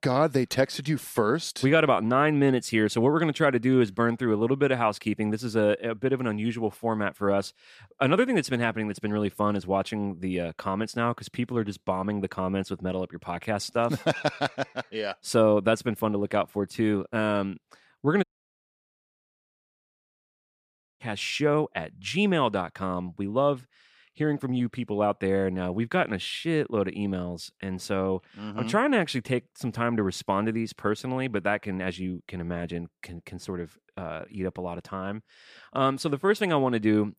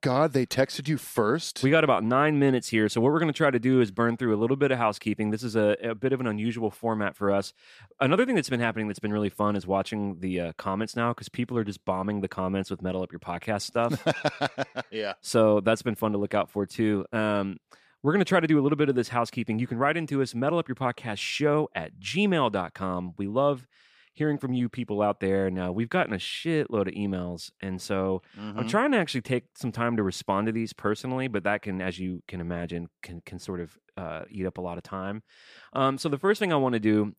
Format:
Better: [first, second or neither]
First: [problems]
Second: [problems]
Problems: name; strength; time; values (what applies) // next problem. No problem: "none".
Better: second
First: audio cutting out; at 18 s for 3 s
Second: none